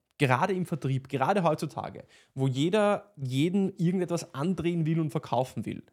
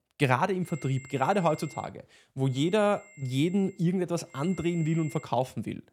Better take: first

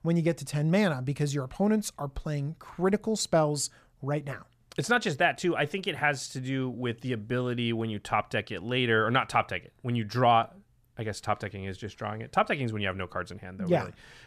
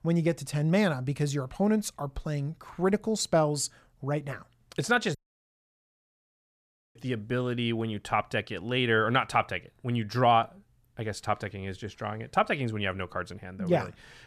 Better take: first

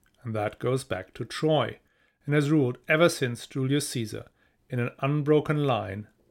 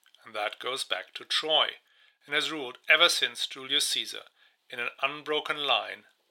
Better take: first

